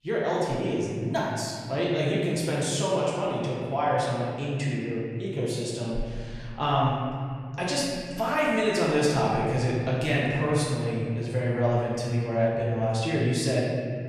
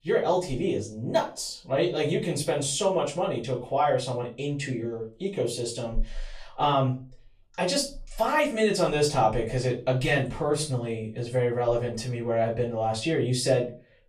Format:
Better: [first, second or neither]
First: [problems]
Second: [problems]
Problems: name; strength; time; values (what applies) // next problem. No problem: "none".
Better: second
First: room echo; strong; dies away in 2.3 s // off-mic speech; far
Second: room echo; slight; dies away in 0.3 s // off-mic speech; far